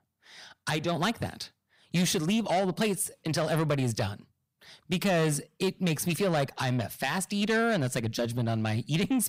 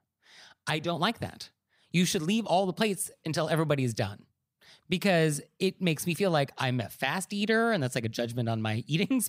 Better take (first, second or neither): second